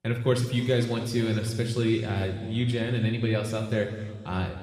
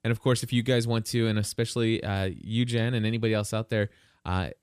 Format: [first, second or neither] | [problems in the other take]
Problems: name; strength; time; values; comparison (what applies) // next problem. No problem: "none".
second | room echo; noticeable; dies away in 1.9 s // off-mic speech; somewhat distant